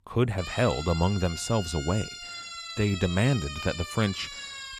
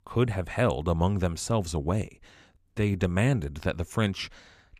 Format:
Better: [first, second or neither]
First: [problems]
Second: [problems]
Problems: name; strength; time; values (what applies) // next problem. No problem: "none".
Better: second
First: siren; noticeable; peak 8 dB below the speech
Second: none